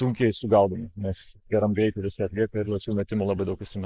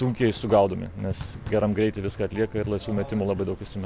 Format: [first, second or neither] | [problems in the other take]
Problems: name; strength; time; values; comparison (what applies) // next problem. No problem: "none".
second | noise reduction (neural mask model Resemble Enhance denoiser)